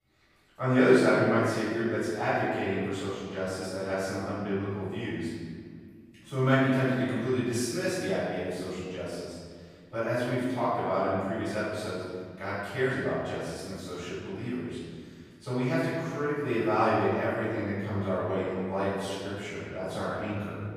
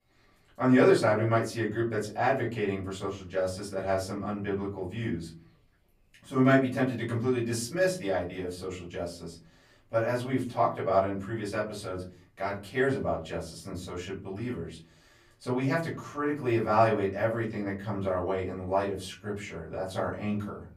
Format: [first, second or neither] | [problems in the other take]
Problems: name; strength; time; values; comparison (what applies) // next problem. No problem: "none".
second | room echo; strong; dies away in 1.7 s; slight in the second // off-mic speech; far; far in the second